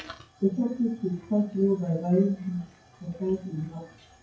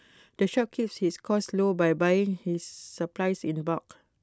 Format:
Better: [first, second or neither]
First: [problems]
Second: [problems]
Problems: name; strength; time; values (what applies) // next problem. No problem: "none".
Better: second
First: noise reduction (classical method WPE with log-MMSE)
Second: none